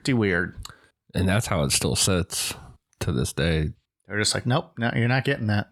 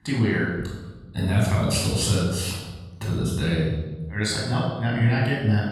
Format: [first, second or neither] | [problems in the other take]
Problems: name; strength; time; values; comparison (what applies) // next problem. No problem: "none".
first | off-mic speech; far // room echo; noticeable; dies away in 1.1 s